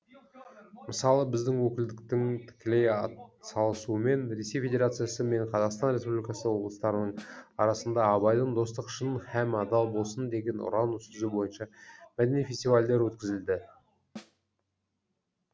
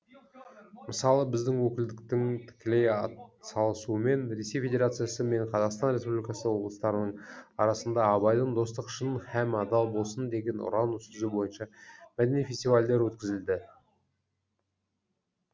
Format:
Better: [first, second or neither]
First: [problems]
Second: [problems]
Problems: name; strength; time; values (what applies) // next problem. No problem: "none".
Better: second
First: background sound (Snare drum); 19 dB below the speech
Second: none